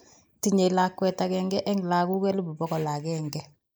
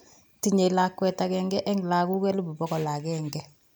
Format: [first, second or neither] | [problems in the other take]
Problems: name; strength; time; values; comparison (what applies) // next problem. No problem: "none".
second | noise reduction (neural mask model Resemble Enhance denoiser)